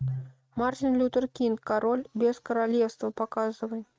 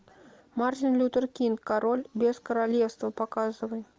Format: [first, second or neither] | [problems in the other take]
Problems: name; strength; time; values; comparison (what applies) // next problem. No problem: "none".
second | noise reduction (neural mask model RNNoise)